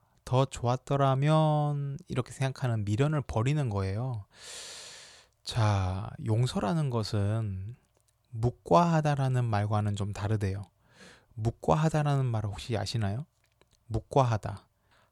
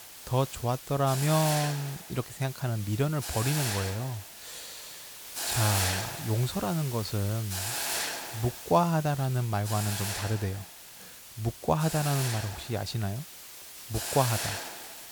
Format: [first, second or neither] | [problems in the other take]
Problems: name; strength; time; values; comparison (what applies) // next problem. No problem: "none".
first | hiss; loud; throughout; 5 dB below the speech